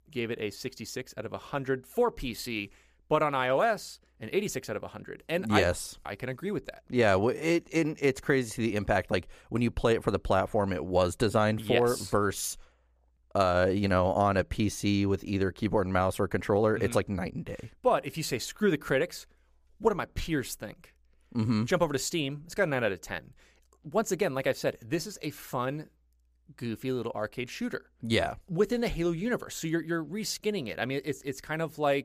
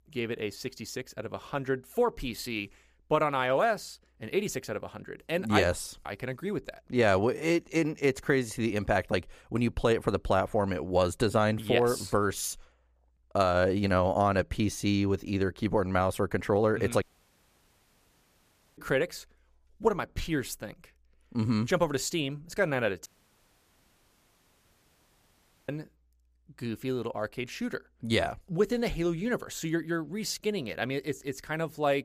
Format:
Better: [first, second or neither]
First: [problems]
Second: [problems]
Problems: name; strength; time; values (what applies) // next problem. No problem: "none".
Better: first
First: none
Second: audio cutting out; at 17 s for 2 s and at 23 s for 2.5 s